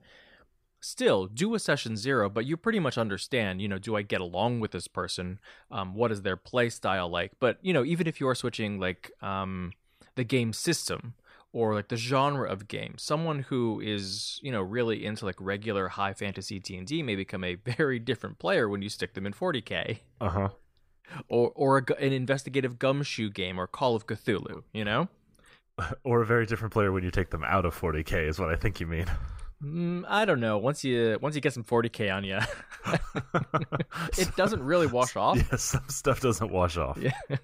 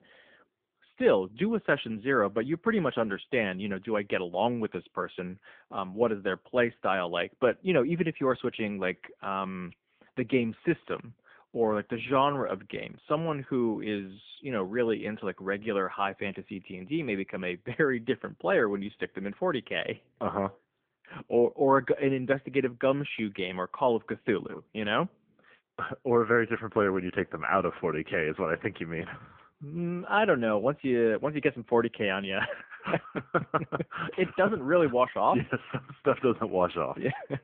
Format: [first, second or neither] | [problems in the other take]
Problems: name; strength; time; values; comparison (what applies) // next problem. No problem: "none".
first | phone-call audio; nothing above 3.5 kHz